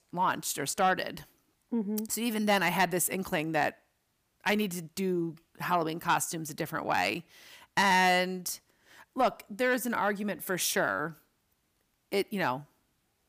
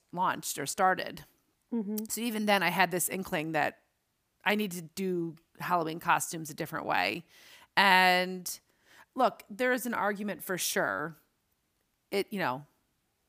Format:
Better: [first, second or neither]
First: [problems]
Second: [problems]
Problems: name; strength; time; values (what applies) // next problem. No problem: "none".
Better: second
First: distortion; slight; 10 dB below the speech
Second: none